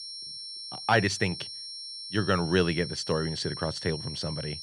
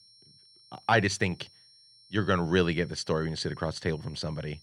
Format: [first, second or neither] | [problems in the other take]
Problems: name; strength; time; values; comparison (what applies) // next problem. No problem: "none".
second | high-pitched whine; loud; throughout; 5.5 kHz, 8 dB below the speech; faint in the second